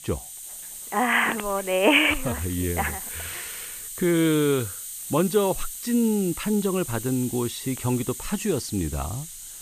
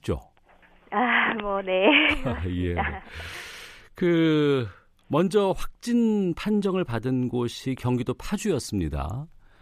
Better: second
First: hiss; loud; throughout; 9 dB below the speech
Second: none

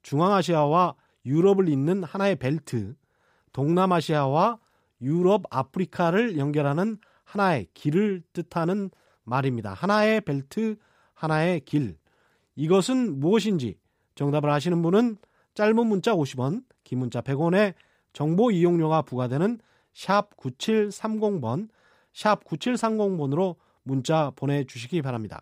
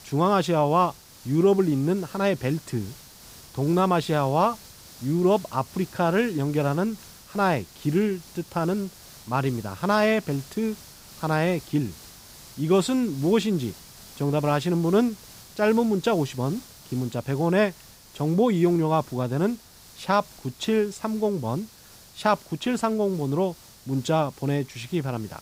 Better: first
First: none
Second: hiss; faint; throughout; 20 dB below the speech

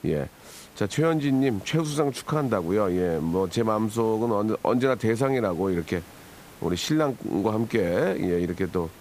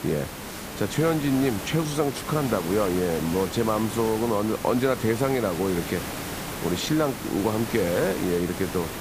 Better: first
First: hiss; faint; throughout; 25 dB below the speech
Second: hiss; loud; throughout; 8 dB below the speech

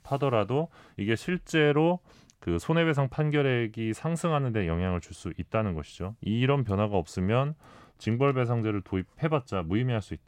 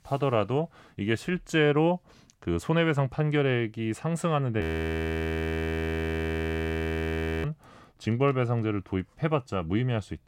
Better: first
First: none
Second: audio freezing; at 4.5 s for 3 s

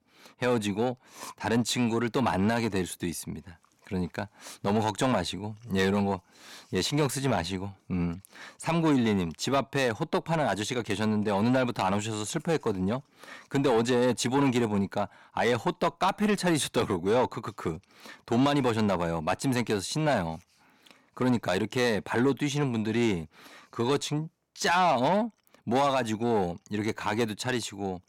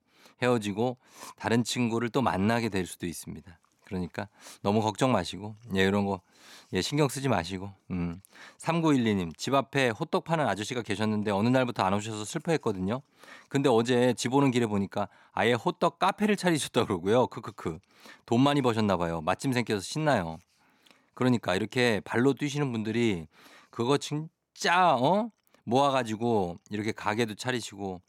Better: second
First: distortion; slight; 10 dB below the speech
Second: none

